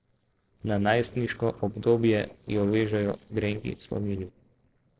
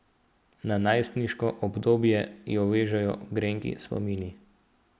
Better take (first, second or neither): second